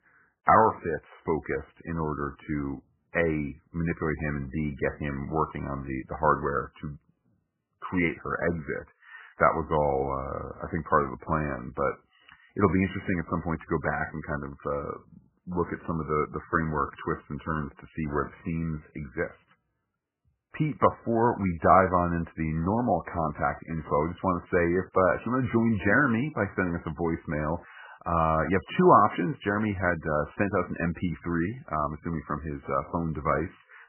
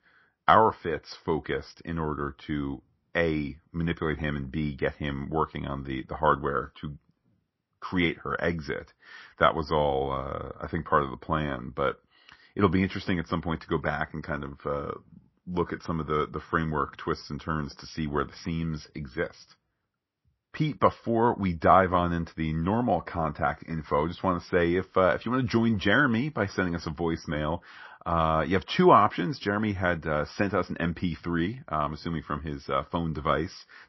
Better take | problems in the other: second | garbled, watery; badly; nothing above 3 kHz; slightly in the second

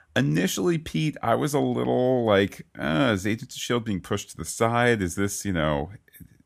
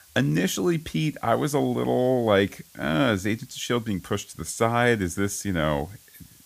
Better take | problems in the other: first | hiss; faint; throughout; 25 dB below the speech

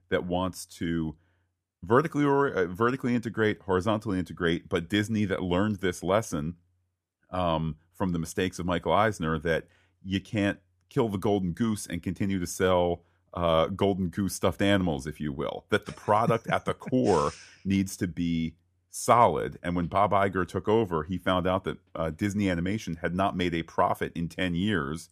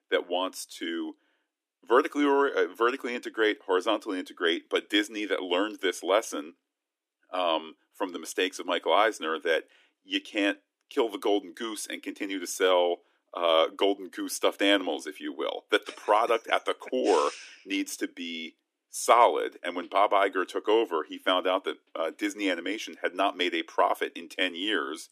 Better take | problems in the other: first | thin; somewhat; fading below 300 Hz

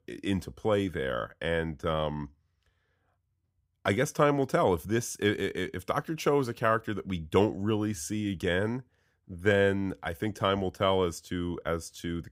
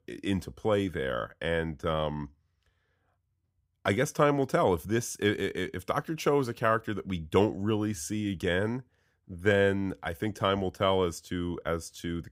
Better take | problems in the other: neither | none

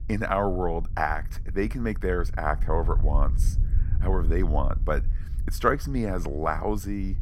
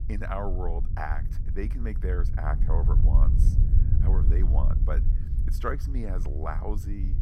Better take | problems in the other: first | low rumble; loud; throughout; 8 dB below the speech; faint in the first

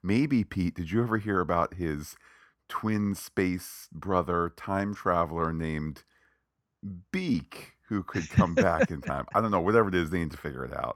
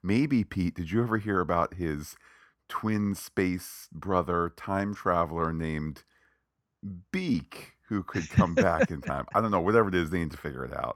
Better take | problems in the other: neither | none

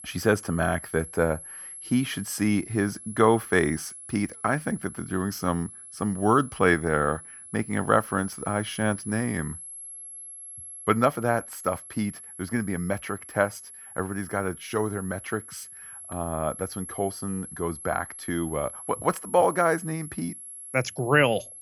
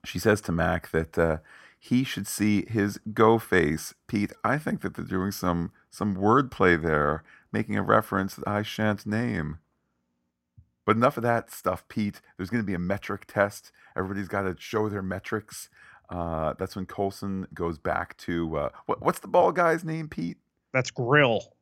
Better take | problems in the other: second | high-pitched whine; noticeable; throughout; 11 kHz, 15 dB below the speech

